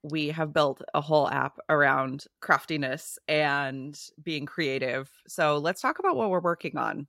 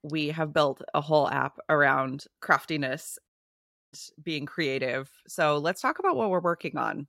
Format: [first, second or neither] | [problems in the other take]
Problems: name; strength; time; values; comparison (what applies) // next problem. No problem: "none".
first | audio cutting out; at 3.5 s for 0.5 s